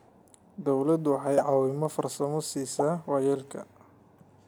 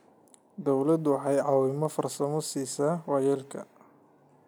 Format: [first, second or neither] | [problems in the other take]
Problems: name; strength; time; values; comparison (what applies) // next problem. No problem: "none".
second | background sound (Explosion); 13 dB below the speech